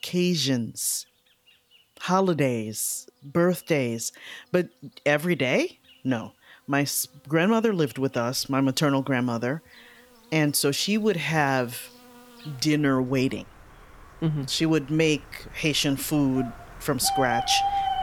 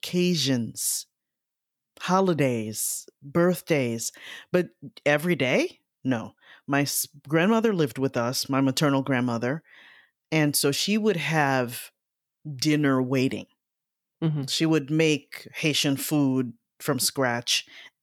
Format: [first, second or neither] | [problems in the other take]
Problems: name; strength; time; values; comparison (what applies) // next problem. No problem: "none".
second | animal sounds; loud; throughout; 8 dB below the speech